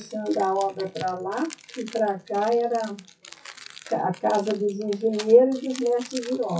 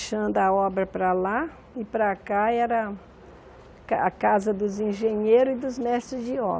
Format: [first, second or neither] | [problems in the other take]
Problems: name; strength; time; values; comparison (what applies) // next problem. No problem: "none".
second | noise reduction (classical method WPE with log-MMSE)